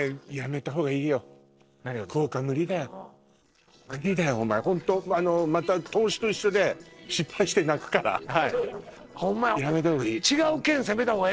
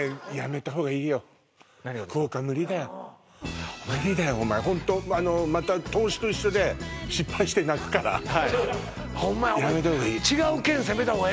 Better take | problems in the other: second | noise reduction (neural separator model SepFormer DNS4)

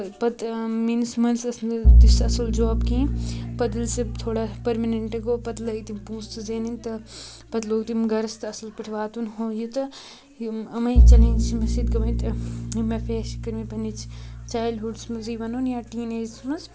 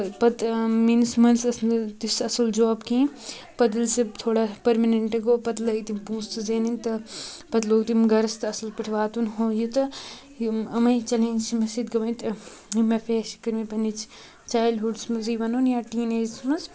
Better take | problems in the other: second | background sound (Bowed string instrument); 4 dB above the speech

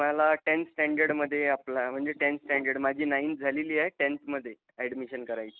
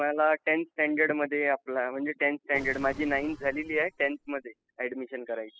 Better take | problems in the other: first | noise reduction (classical method spectral subtraction)

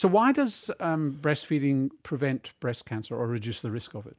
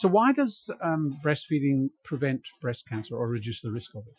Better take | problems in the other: first | noise reduction (classical method Wiener filter)

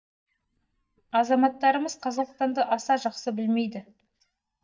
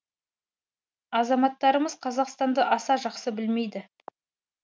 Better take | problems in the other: second | noise reduction (neural mask model DeepFilterNet 3)

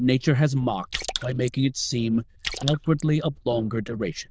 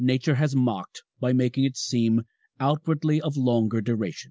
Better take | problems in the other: second | noise reduction (neural diffusion model UNIVERSE++)

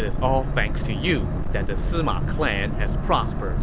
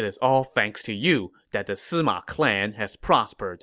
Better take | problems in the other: second | background sound (Boat, Water vehicle); 3 dB above the speech

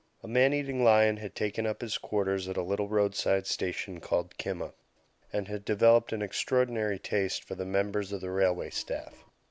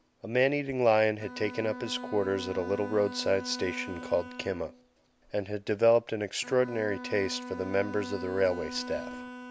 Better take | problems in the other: first | background sound (Bowed string instrument); 12 dB below the speech

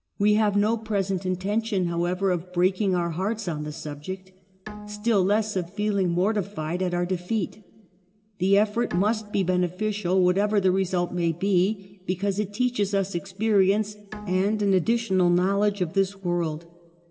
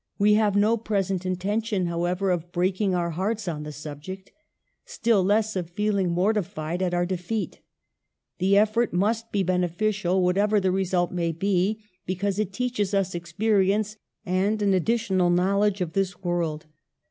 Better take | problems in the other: second | background sound (Bowed string instrument); 19 dB below the speech // room echo; dies away in 0.5 s

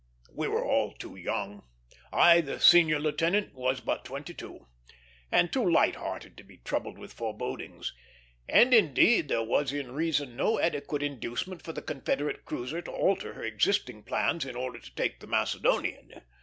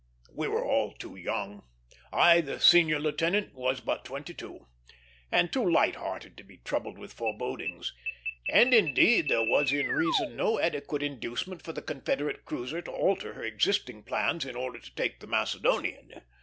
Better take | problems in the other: first | background sound (Alarm); 4 dB below the speech

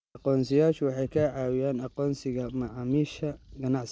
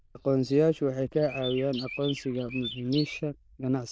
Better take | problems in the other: first | noise reduction (neural diffusion model UNIVERSE++)

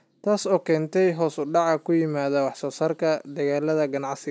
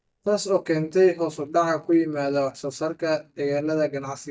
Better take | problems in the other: first | noise reduction (neural mask model DeepFilterNet 3)

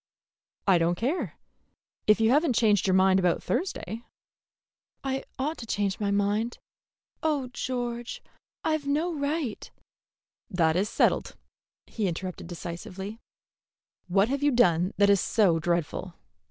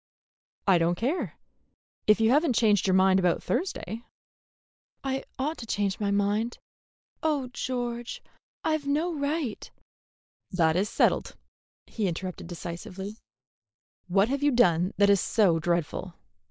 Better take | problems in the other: first | noise reduction (neural mask model Resemble Enhance denoiser)

